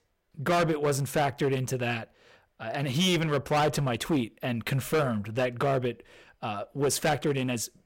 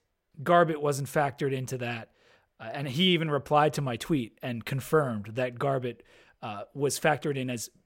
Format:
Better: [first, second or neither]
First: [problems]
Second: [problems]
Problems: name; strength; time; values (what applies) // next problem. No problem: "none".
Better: second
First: distortion; heavy; 10% of the sound clipped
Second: none